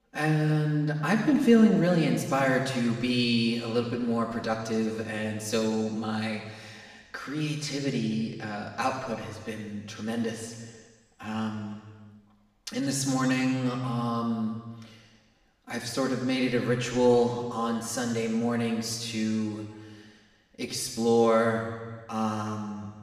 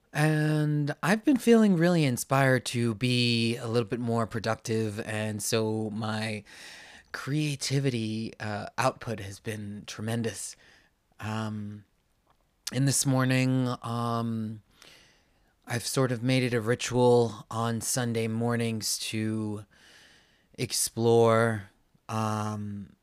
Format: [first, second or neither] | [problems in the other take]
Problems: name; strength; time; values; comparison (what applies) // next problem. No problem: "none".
second | room echo; noticeable; dies away in 1.5 s // off-mic speech; far